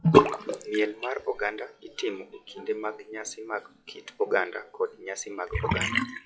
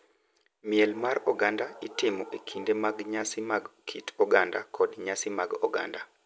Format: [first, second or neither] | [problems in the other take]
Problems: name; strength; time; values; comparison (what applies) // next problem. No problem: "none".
second | noise reduction (classical method log-MMSE)